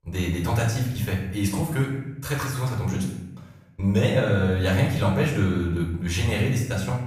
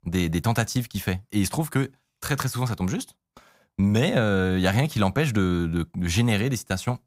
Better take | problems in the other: second | off-mic speech; far // room echo; noticeable; dies away in 0.8 s

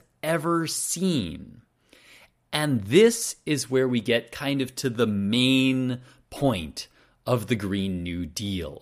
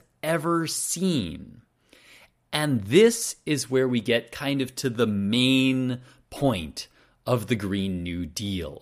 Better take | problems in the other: neither | none

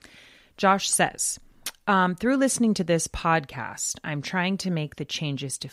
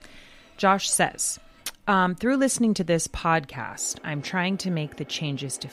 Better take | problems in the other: first | machinery noise; faint; throughout; 25 dB below the speech

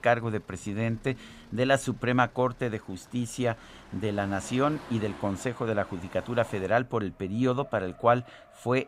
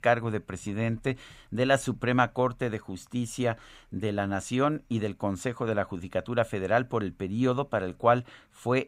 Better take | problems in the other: second | traffic noise; faint; throughout; 20 dB below the speech

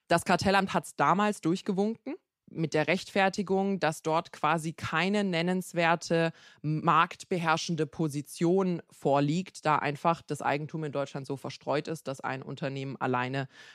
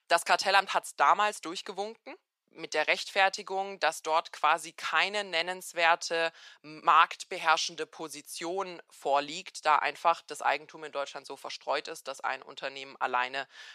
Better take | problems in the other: first | thin; very; fading below 750 Hz

